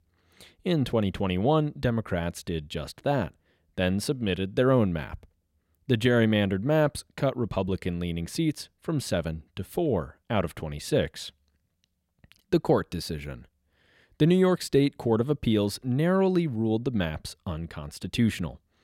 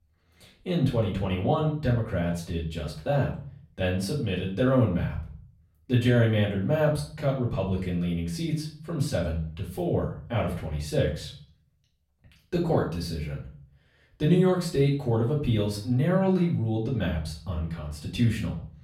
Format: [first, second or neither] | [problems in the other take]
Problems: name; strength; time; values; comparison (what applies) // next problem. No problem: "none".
first | off-mic speech; far // room echo; slight; dies away in 0.5 s